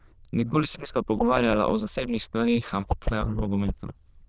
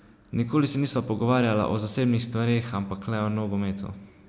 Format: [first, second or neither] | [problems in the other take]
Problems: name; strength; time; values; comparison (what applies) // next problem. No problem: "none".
second | noise reduction (neural diffusion model UNIVERSE++)